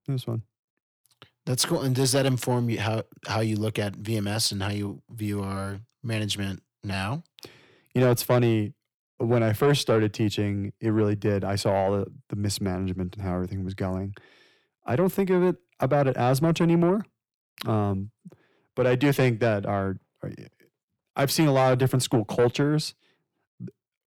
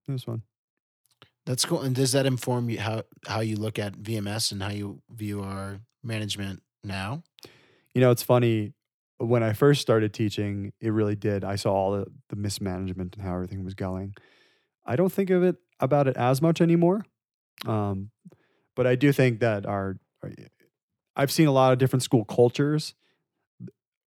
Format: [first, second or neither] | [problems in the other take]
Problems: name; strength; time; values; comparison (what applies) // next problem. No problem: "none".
second | distortion; slight; 10 dB below the speech